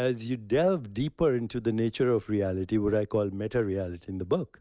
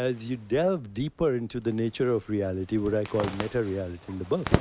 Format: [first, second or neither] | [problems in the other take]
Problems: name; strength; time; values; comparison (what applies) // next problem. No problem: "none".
first | background sound (Zipper (clothing)); 8 dB below the speech